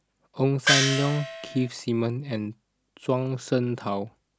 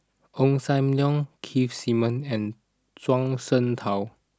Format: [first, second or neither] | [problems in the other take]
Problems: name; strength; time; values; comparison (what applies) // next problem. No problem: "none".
second | background sound (Gong); 2 dB above the speech